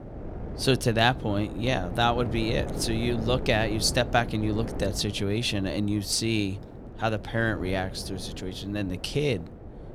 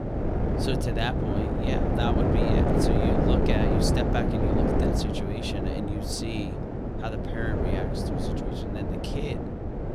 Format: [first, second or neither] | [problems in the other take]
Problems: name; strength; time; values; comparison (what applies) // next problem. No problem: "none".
first | wind noise on the microphone; heavy; 4 dB above the speech; occasional gusts in the first